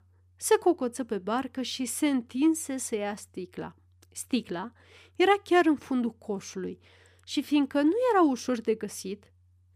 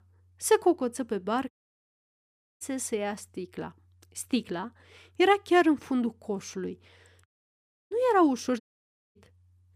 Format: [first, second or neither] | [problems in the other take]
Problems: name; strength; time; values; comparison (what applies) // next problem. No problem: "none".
first | audio cutting out; at 1.5 s for 1 s, at 7.5 s for 0.5 s and at 8.5 s for 0.5 s